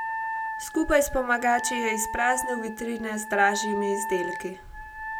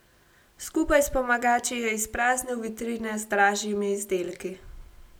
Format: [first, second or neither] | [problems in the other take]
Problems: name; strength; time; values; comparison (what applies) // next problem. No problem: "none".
second | background sound (Wind instrument, woodwind instrument); 6 dB below the speech